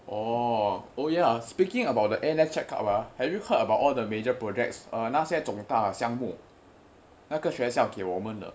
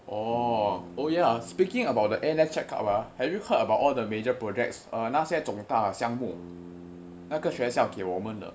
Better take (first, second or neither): first